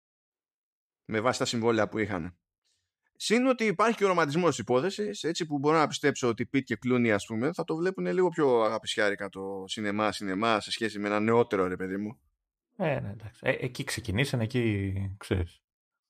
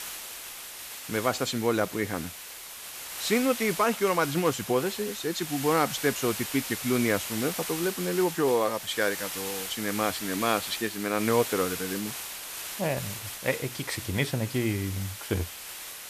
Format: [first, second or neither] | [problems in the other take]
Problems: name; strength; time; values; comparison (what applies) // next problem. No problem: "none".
first | hiss; loud; throughout; 7 dB below the speech